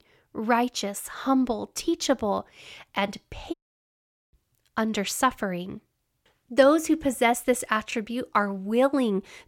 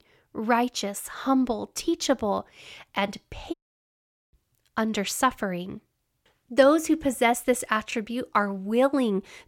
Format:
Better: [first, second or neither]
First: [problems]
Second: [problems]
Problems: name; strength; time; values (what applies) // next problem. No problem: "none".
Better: neither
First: audio cutting out; at 3.5 s for 1 s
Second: audio cutting out; at 3.5 s for 1 s